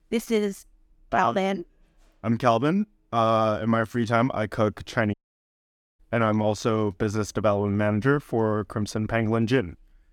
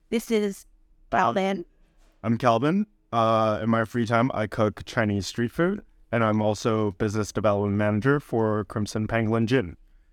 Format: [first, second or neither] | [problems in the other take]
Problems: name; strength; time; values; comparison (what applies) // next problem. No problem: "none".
second | audio cutting out; at 5 s for 1 s